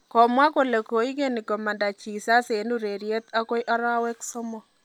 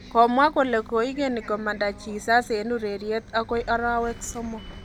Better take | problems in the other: first | background sound (Bus); 17 dB below the speech

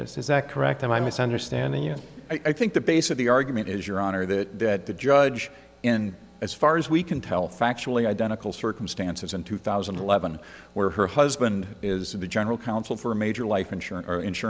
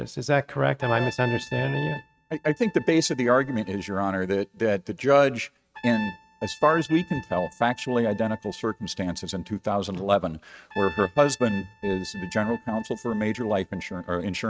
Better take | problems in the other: first | noise reduction (neural mask model RNNoise)

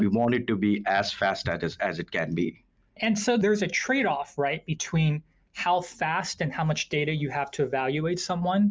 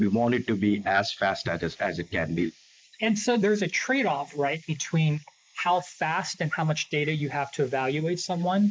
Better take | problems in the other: first | noise reduction (neural mask model Resemble Enhance denoiser)

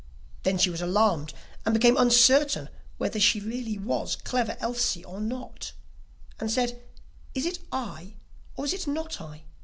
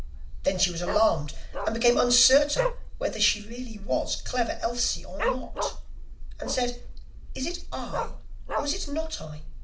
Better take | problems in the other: first | background sound (Dog); 9 dB below the speech // room echo; dies away in 0.4 s

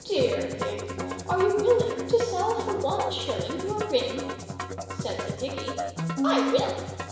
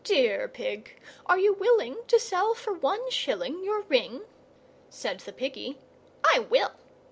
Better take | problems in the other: second | background sound (Musical instrument); 4 dB below the speech // room echo; dies away in 1 s

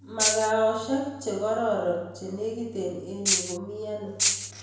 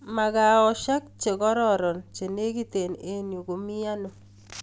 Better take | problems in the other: second | background sound (Rattle (instrument)); 4 dB above the speech // room echo; dies away in 0.9 s

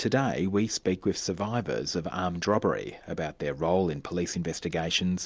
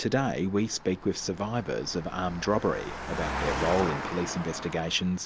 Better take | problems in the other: first | background sound (Engine); 8 dB below the speech

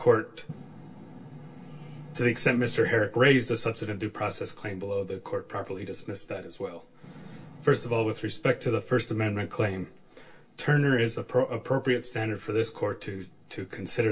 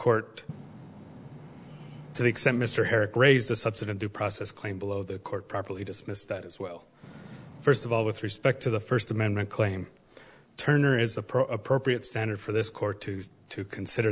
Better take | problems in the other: second | room echo; dies away in 0.2 s

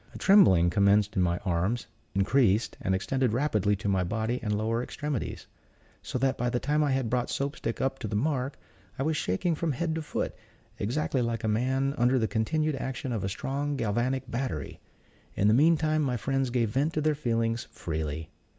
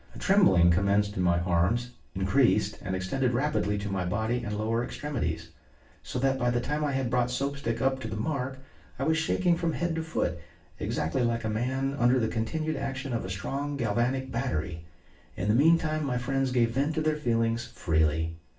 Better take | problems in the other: first | room echo; dies away in 0.3 s

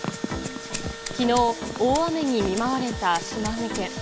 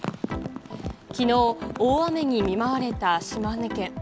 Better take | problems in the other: second | background sound (Rattle (instrument) + Engine / Drill); 11 dB below the speech

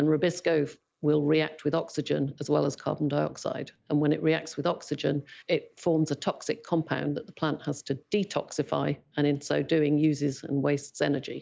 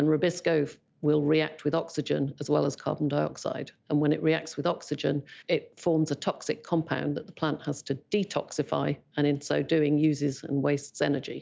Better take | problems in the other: second | noise reduction (neural mask model Resemble Enhance denoiser)

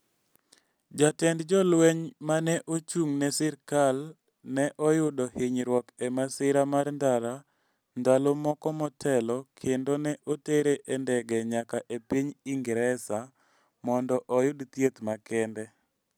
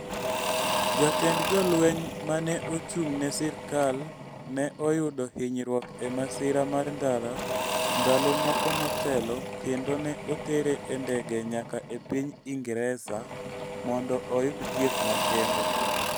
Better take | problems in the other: first | background sound (Engine / Drill / Mechanisms); 2 dB below the speech

